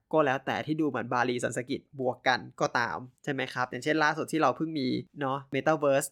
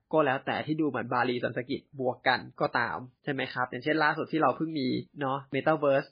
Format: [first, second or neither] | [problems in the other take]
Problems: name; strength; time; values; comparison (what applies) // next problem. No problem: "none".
first | garbled, watery; badly; nothing above 4 kHz